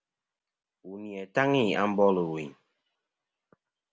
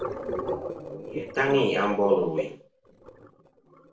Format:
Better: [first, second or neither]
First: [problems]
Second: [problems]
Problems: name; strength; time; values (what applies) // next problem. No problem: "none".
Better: first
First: none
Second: noise reduction (neural separator model SepFormer DNS4)